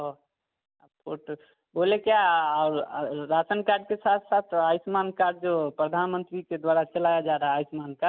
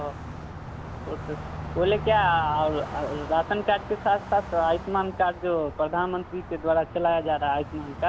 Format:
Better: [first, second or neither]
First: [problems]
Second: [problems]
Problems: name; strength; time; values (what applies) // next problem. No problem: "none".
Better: first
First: none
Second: background sound (Car passing by); 11 dB below the speech